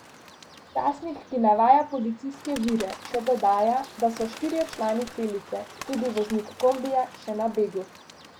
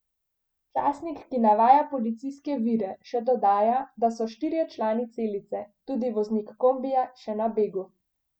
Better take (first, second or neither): second